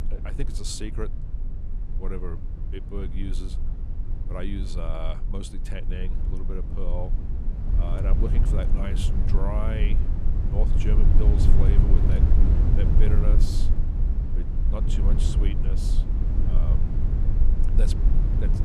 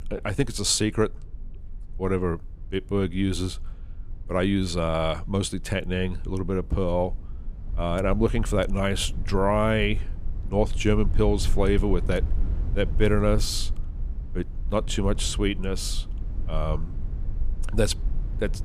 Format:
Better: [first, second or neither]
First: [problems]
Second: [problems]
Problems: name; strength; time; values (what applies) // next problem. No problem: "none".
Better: second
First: low rumble; loud; throughout; 2 dB below the speech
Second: low rumble; faint; throughout; 20 dB below the speech